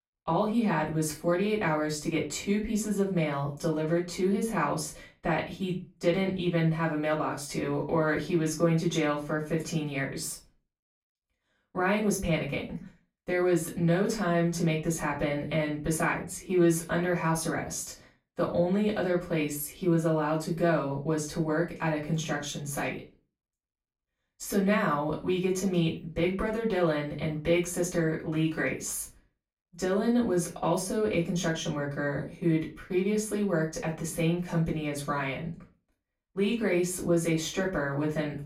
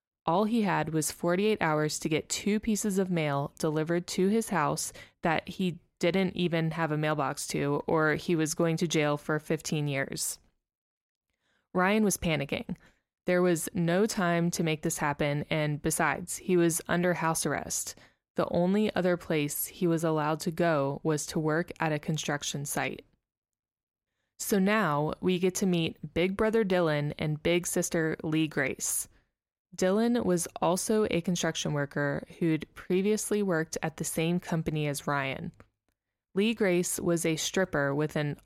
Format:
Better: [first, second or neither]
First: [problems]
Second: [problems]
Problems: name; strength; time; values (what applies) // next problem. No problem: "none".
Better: second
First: off-mic speech; far // room echo; slight; dies away in 0.3 s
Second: none